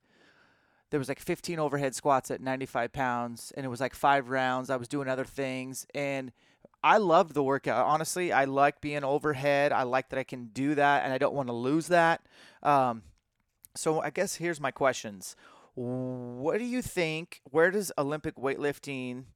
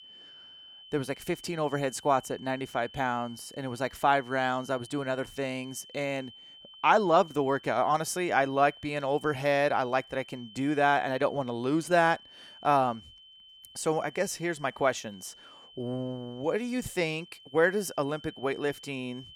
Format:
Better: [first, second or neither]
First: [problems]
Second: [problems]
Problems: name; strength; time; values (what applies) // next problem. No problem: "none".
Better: first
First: none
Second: high-pitched whine; faint; throughout; 3 kHz, 20 dB below the speech